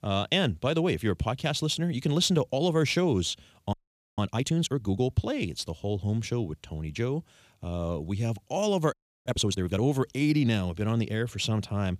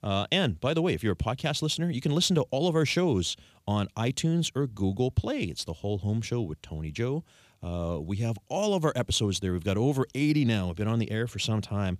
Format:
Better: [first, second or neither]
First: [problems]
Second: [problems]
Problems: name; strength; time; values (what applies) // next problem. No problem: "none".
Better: second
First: audio freezing; at 3.5 s and at 9 s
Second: none